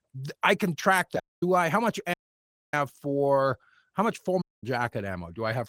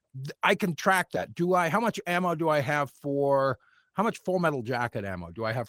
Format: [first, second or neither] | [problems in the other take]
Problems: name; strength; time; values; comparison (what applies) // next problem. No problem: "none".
second | audio cutting out; at 1 s, at 2 s for 0.5 s and at 4.5 s